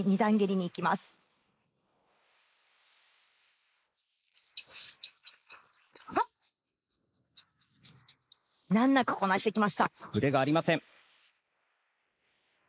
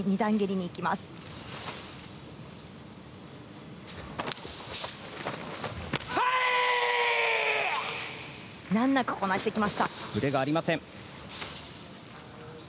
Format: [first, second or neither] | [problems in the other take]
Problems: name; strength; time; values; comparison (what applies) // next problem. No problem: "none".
second | noise reduction (neural mask model Resemble Enhance denoiser)